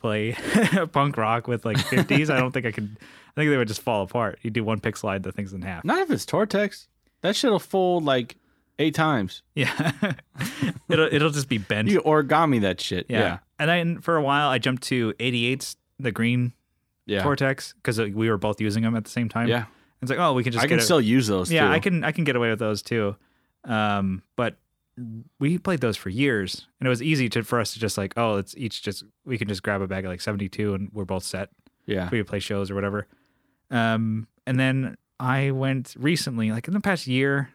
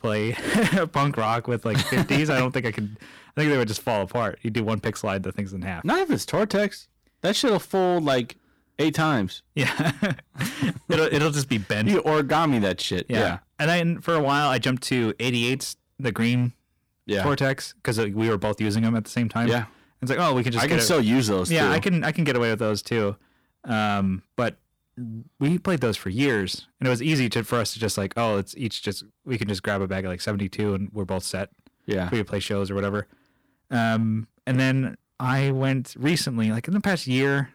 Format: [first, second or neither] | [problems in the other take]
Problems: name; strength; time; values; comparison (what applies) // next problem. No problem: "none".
first | distortion; slight; 6% of the sound clipped